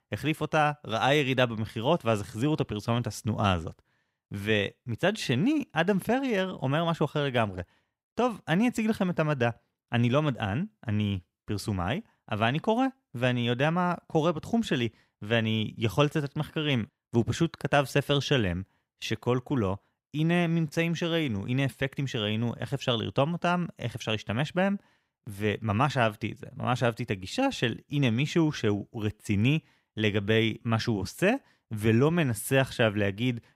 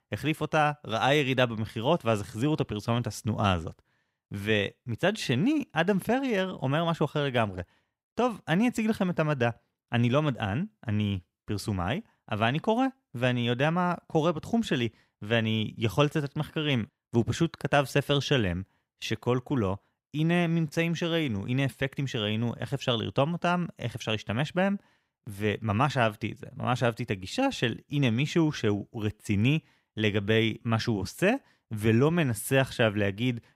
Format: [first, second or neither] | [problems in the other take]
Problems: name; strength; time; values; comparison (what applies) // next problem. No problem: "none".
neither | none